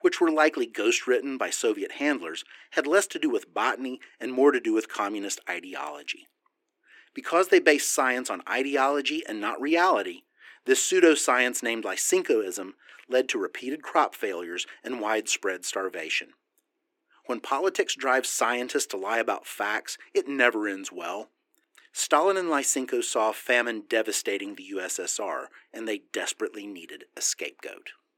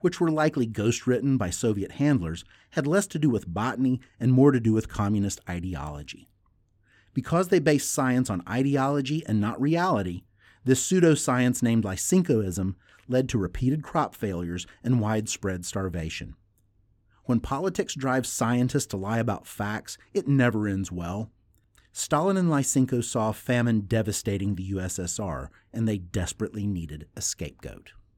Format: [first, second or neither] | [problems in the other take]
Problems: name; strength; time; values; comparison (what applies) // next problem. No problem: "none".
second | thin; very; fading below 350 Hz